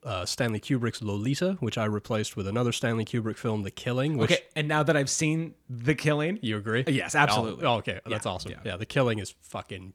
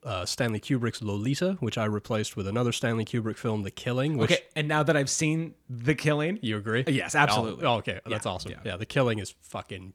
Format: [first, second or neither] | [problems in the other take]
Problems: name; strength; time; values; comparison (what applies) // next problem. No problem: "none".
neither | none